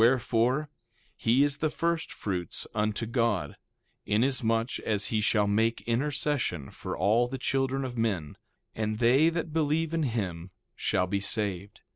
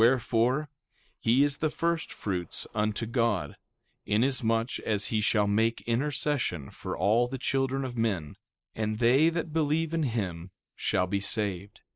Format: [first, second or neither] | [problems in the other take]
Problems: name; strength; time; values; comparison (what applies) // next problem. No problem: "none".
first | noise reduction (neural mask model Resemble Enhance denoiser)